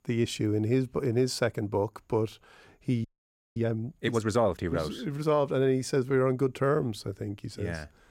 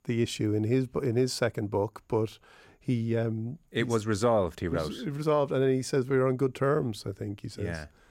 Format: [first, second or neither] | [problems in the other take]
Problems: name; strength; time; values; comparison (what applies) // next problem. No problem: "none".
second | audio freezing; at 3 s for 0.5 s